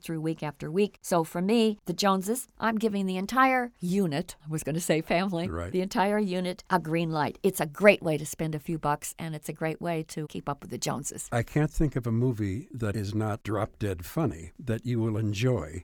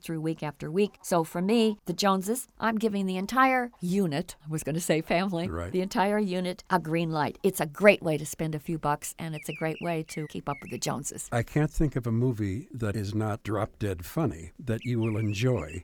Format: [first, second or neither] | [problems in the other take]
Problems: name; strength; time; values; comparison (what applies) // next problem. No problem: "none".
first | animal sounds; noticeable; throughout; 20 dB below the speech